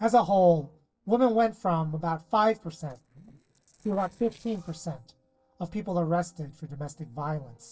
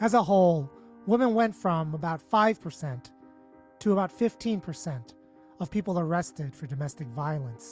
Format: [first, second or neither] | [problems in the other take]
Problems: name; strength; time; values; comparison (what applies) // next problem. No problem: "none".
second | noise reduction (neural separator model SepFormer DNS4)